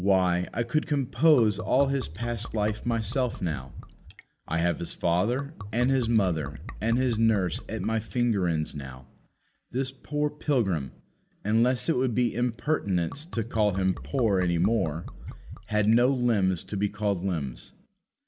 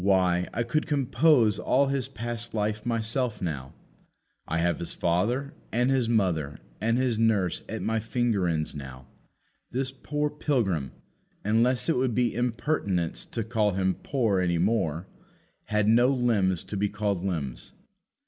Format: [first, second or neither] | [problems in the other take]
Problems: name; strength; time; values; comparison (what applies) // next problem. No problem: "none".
second | background sound (Liquid); 12 dB below the speech